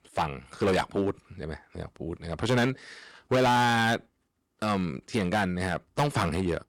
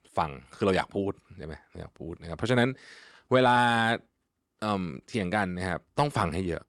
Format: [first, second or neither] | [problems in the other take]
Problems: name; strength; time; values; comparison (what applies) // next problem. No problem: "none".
second | distortion; heavy; 8% of the sound clipped